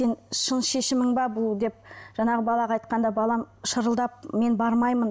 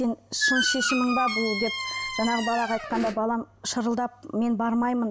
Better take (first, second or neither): first